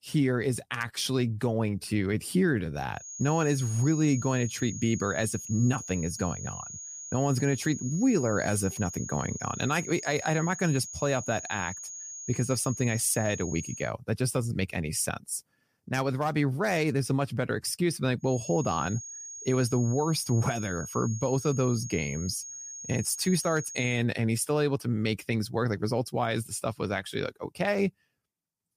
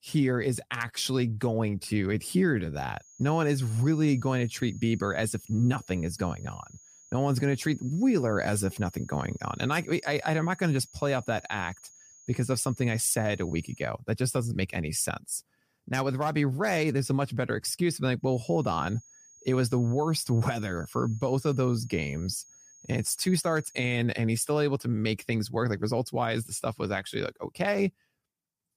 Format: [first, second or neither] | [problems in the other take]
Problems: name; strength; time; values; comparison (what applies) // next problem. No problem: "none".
second | high-pitched whine; loud; from 3 to 14 s and from 18 to 24 s; 6.5 kHz, 10 dB below the speech; faint in the second